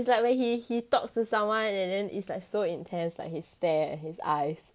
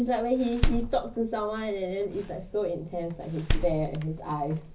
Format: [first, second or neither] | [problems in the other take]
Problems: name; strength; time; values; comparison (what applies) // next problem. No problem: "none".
first | background sound (Door); 2 dB below the speech // room echo; dies away in 0.4 s